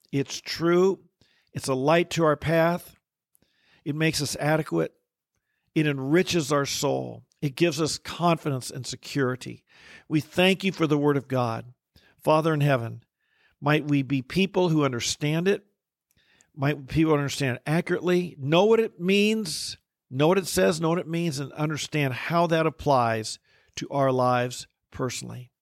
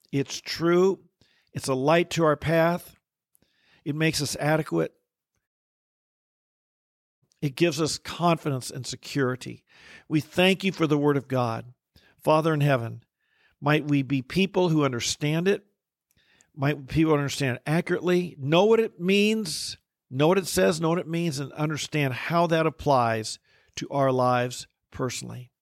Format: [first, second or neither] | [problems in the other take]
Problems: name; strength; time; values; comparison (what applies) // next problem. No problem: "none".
first | audio cutting out; at 5.5 s for 1.5 s